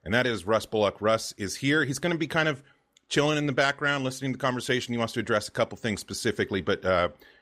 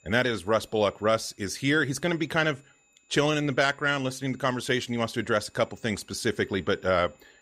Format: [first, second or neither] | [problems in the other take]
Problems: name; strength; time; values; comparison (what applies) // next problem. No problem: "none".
first | high-pitched whine; faint; throughout; 2.5 kHz, 35 dB below the speech